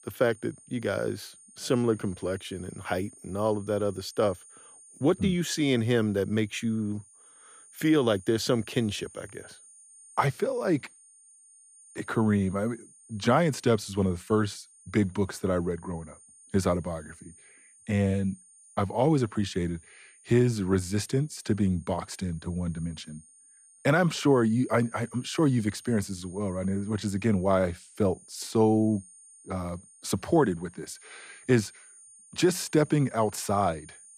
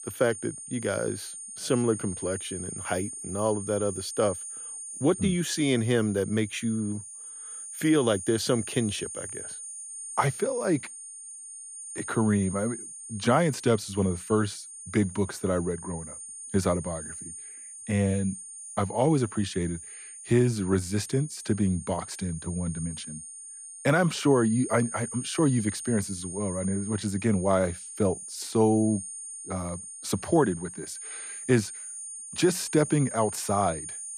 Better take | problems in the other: first | high-pitched whine; loud; throughout; 9 kHz, 10 dB below the speech; faint in the first

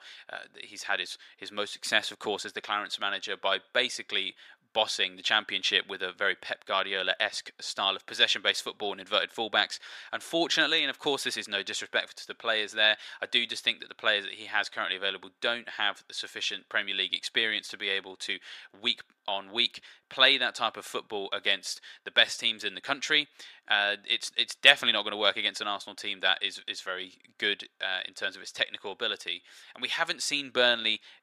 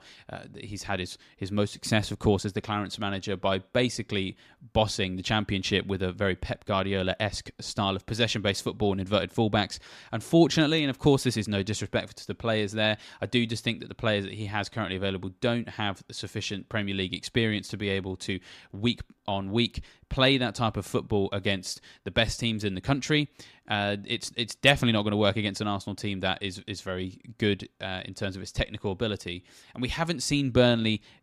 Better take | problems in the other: second | thin; very; fading below 550 Hz

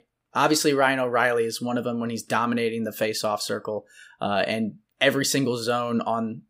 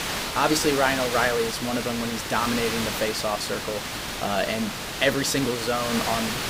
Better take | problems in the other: first | hiss; loud; throughout; 3 dB below the speech

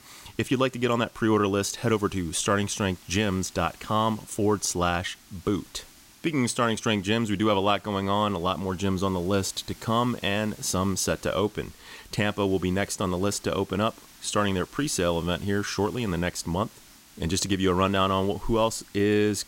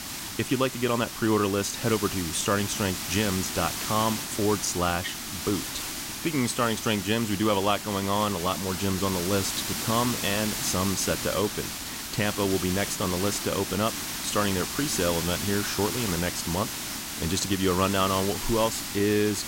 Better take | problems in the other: first | hiss; loud; throughout; 4 dB below the speech; faint in the first

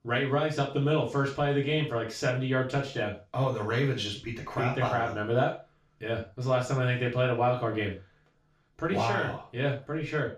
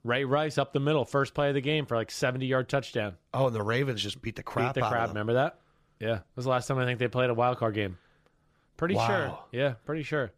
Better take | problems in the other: second | room echo; noticeable; dies away in 0.3 s // off-mic speech; far

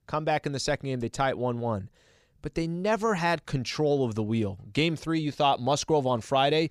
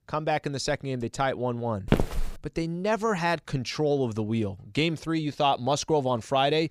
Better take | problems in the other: first | footsteps; loud; at 2 s; peak 1 dB above the speech

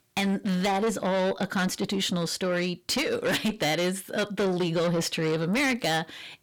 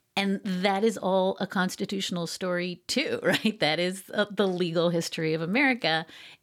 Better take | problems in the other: second | distortion; heavy; 8 dB below the speech

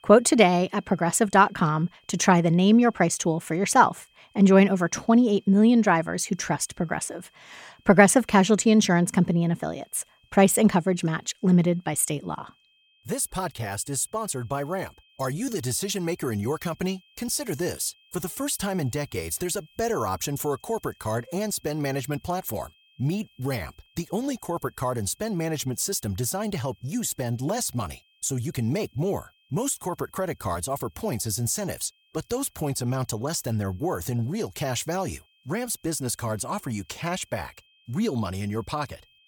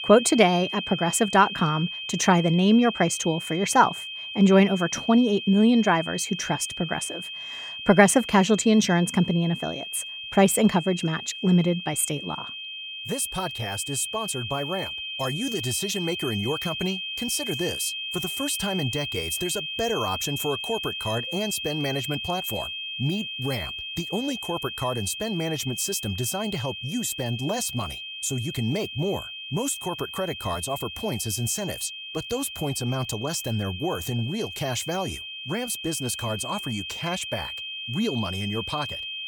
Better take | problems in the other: first | high-pitched whine; loud; throughout; 3 kHz, 7 dB below the speech; faint in the first

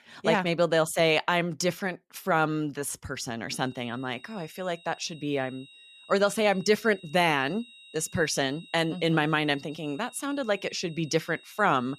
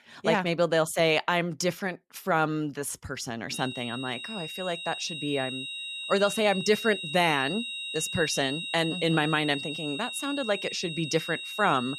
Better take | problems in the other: first | high-pitched whine; loud; from 3.5 s on; 4 kHz, 6 dB below the speech; faint in the first

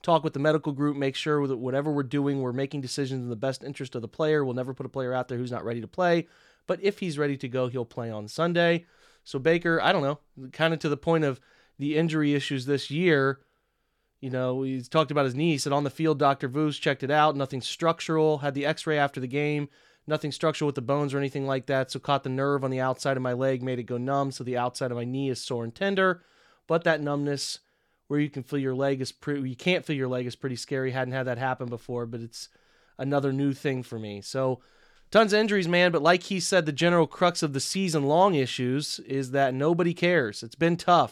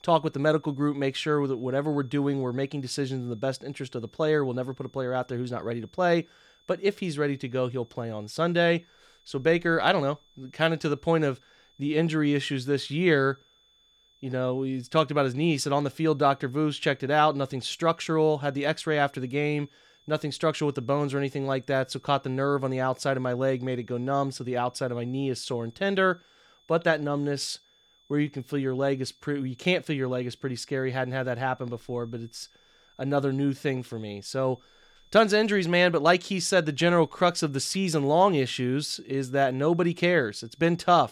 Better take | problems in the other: first | high-pitched whine; faint; throughout; 3.5 kHz, 35 dB below the speech

